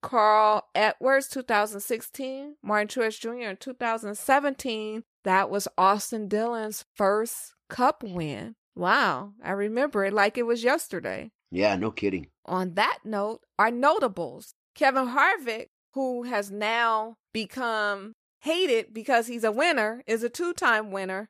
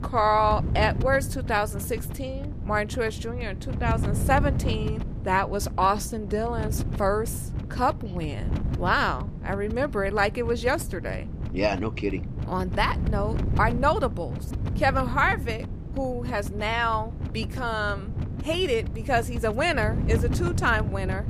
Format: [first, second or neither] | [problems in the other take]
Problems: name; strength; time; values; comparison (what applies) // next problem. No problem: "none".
first | wind noise on the microphone; occasional gusts; 15 dB below the speech